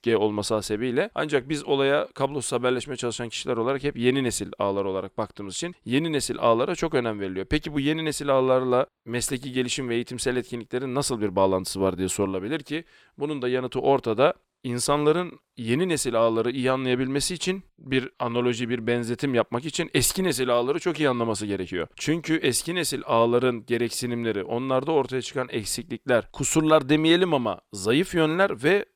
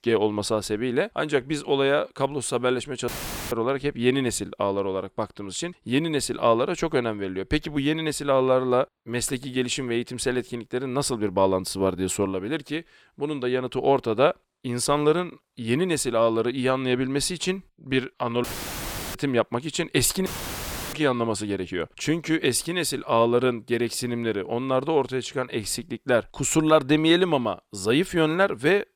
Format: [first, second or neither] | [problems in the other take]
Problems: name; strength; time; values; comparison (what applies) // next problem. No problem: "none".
first | audio cutting out; filled with static; at 3 s, at 18 s for 0.5 s and at 20 s for 0.5 s